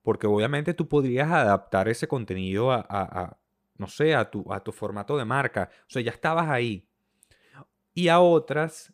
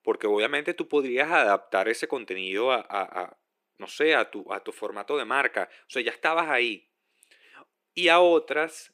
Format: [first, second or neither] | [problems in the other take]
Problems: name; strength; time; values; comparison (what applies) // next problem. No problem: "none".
first | thin; somewhat; fading below 350 Hz